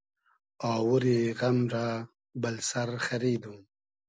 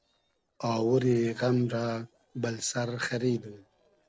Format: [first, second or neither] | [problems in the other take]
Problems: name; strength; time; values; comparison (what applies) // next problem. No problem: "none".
first | noise reduction (neural separator model SepFormer DNS4)